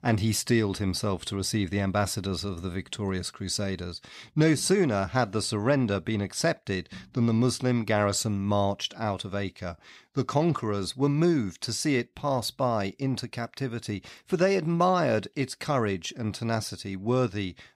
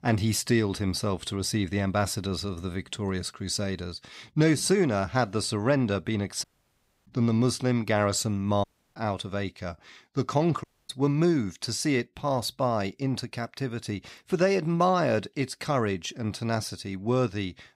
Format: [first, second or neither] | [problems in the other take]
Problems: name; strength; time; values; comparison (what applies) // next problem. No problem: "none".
first | audio cutting out; at 6.5 s for 0.5 s, at 8.5 s and at 11 s